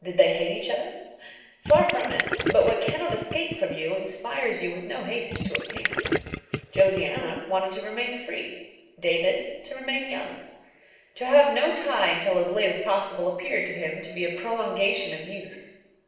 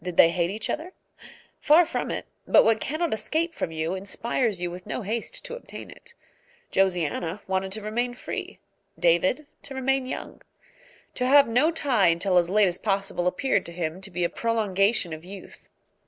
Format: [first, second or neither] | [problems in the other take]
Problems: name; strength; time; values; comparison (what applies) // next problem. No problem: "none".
second | background sound (Gurgling); 5 dB below the speech // room echo; dies away in 0.9 s